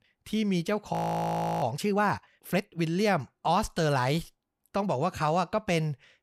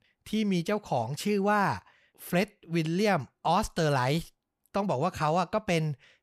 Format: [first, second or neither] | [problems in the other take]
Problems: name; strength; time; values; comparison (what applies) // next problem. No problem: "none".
second | audio freezing; at 1 s for 0.5 s